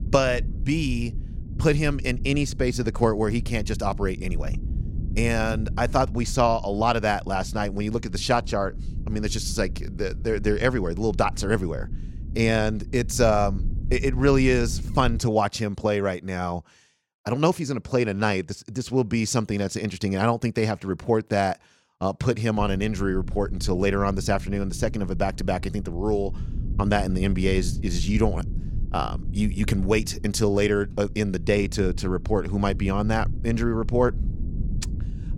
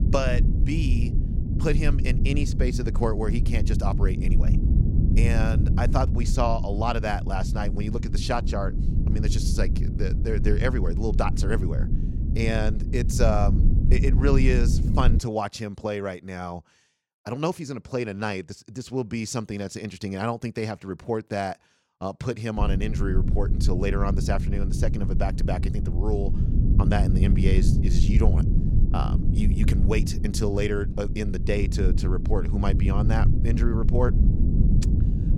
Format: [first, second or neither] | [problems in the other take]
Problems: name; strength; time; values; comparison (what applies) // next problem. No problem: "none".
first | low rumble; loud; until 15 s and from 23 s on; 7 dB below the speech; faint in the first